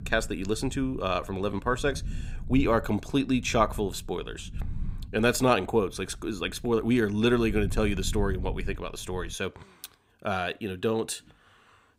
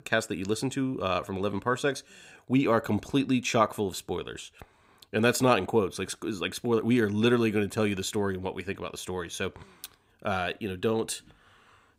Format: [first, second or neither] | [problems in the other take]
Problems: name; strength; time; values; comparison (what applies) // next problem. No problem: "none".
second | low rumble; faint; until 9.5 s; 25 dB below the speech